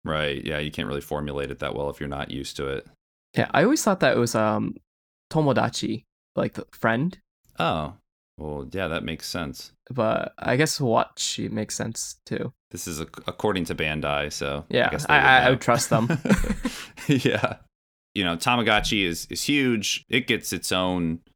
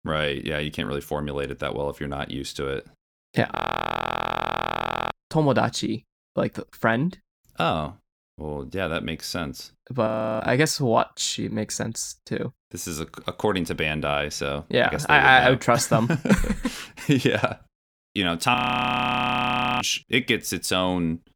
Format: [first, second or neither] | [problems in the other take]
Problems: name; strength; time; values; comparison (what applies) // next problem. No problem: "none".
first | audio freezing; at 3.5 s for 1.5 s, at 10 s and at 19 s for 1.5 s